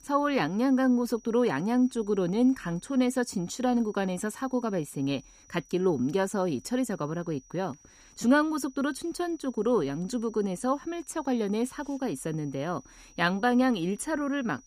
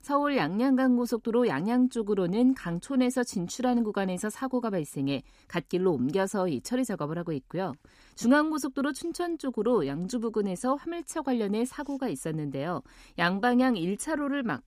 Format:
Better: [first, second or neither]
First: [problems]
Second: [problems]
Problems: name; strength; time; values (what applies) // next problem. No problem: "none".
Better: second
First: high-pitched whine; faint; throughout; 6 kHz, 25 dB below the speech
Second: none